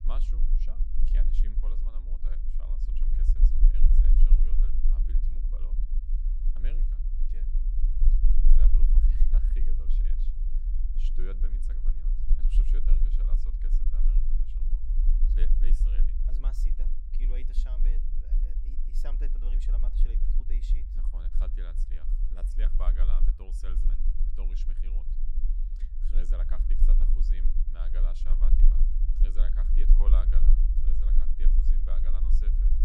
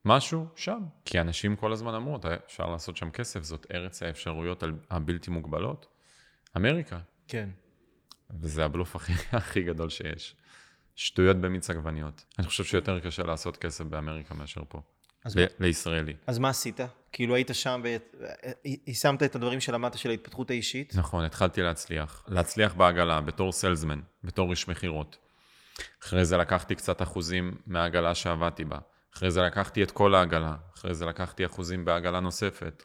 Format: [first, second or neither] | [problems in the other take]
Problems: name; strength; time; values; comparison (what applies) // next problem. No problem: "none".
second | low rumble; loud; throughout; 2 dB below the speech